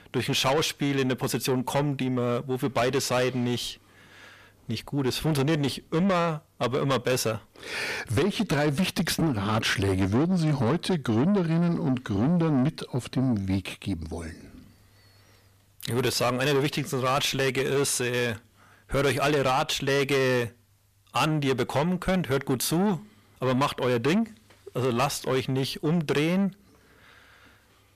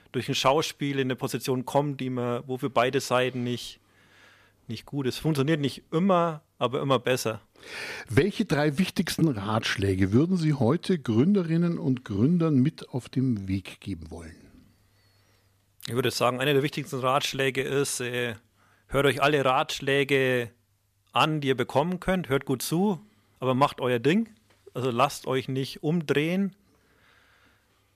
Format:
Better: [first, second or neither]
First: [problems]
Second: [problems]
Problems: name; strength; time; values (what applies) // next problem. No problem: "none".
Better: second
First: distortion; heavy; 8 dB below the speech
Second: none